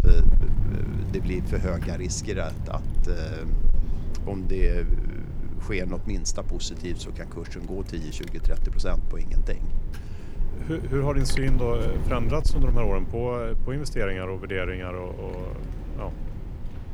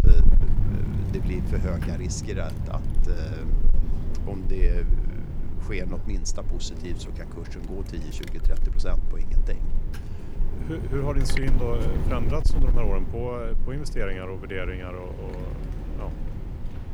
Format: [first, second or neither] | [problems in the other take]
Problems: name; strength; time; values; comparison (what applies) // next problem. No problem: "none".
first | wind noise on the microphone; heavy; 6 dB below the speech; occasional gusts in the first